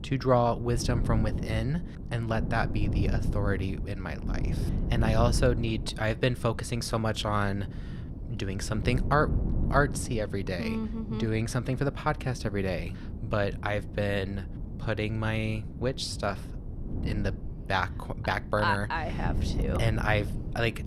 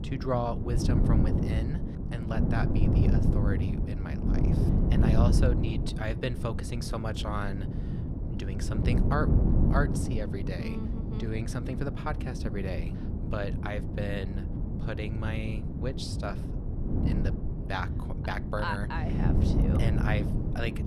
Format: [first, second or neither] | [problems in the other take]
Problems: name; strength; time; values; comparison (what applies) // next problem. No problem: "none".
first | wind noise on the microphone; heavy; 3 dB below the speech; occasional gusts in the first